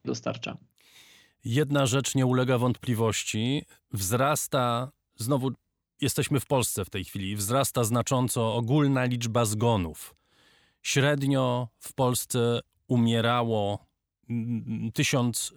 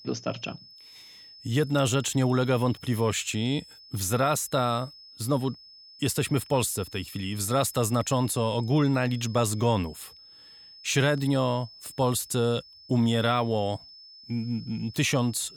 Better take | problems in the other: first | high-pitched whine; noticeable; throughout; 5 kHz, 20 dB below the speech

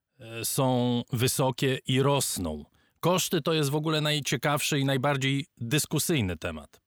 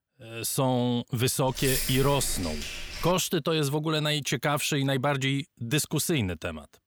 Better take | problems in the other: first | jangling keys; noticeable; from 1.5 to 3 s; peak 1 dB below the speech

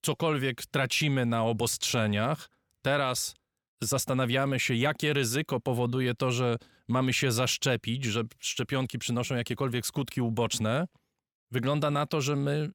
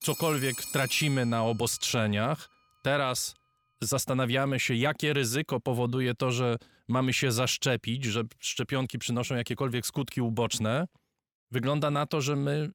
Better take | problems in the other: first | phone ringing; noticeable; until 1.5 s; peak 6 dB below the speech

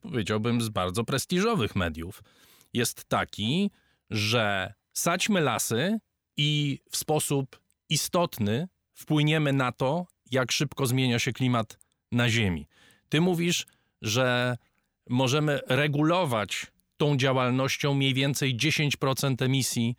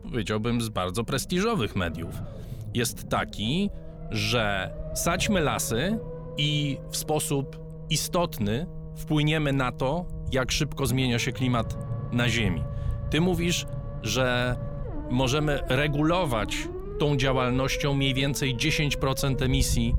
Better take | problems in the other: first | low rumble; noticeable; throughout; 15 dB below the speech

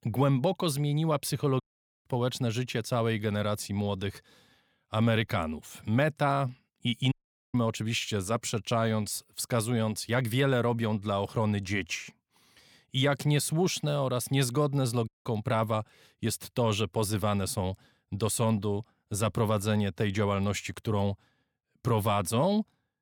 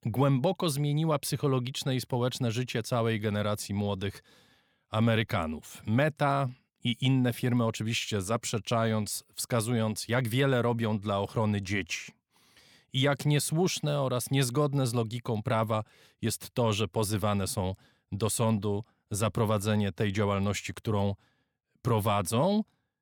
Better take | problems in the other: second | audio cutting out; at 1.5 s, at 7 s and at 15 s

